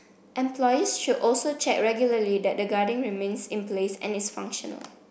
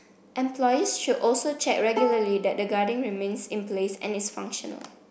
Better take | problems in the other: first | background sound (Bowed string instrument); 10 dB below the speech

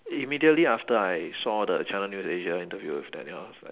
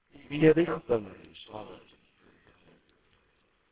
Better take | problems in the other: first | noise reduction (neural separator model SepFormer WHAMR!)

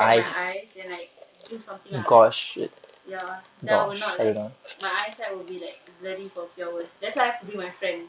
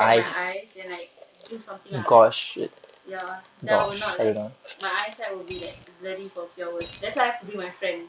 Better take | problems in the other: first | background sound (Coin (dropping)); 17 dB below the speech

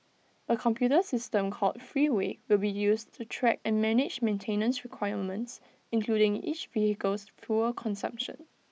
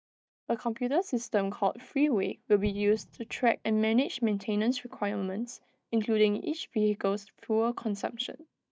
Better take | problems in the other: first | noise reduction (neural mask model DeepFilterNet 3)

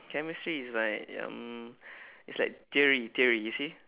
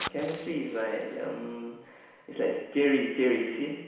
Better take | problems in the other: first | background sound (Fire); 17 dB below the speech // room echo; dies away in 1 s

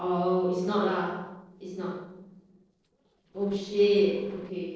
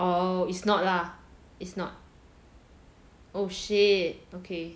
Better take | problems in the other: second | noise reduction (neural separator model SepFormer DNS4)

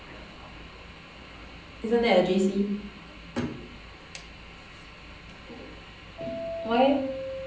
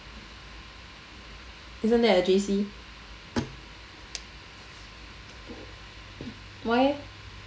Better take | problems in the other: second | background sound (Subway, metro, underground); 12 dB below the speech // room echo; dies away in 0.6 s

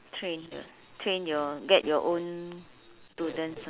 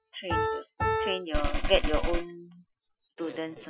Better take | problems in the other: first | noise reduction (classical method Wiener filter)

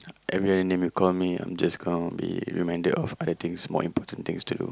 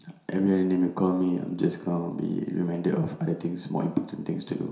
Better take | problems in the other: first | room echo; dies away in 0.7 s

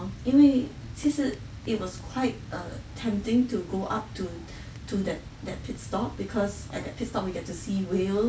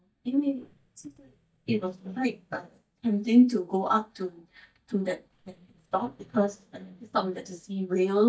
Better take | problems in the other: first | noise reduction (neural mask model DeepFilterNet 3)

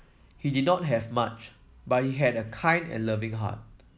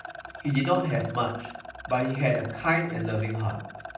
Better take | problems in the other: first | background sound (Rattle); 14 dB below the speech // room echo; dies away in 0.6 s

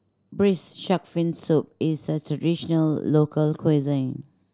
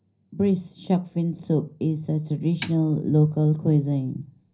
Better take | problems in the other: first | background sound (Snare drum); 18 dB below the speech // room echo; dies away in 0.5 s

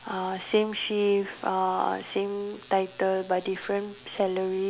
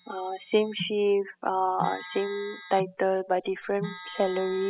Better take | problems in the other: first | noise reduction (classical method spectral subtraction)

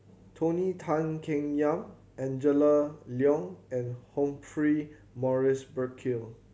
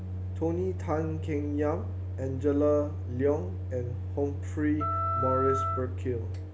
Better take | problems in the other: first | background sound (Wind instrument, woodwind instrument + Microwave oven); 2 dB below the speech

